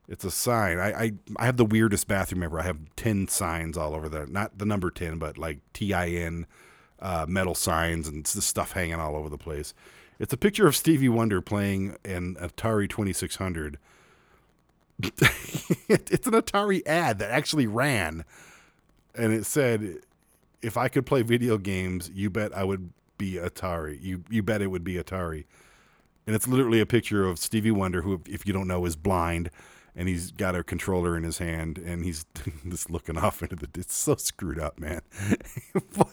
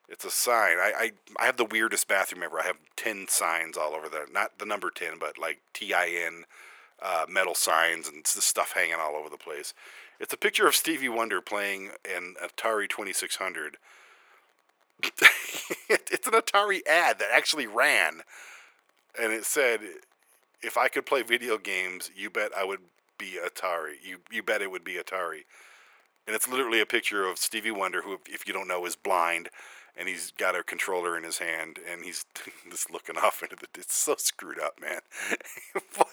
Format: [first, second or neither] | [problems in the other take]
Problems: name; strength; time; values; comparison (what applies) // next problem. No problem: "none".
first | thin; very; fading below 500 Hz